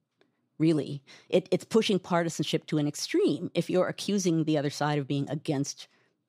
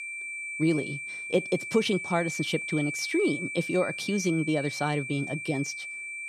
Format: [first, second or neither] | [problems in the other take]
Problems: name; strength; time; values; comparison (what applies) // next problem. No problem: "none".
first | high-pitched whine; loud; throughout; 2.5 kHz, 5 dB below the speech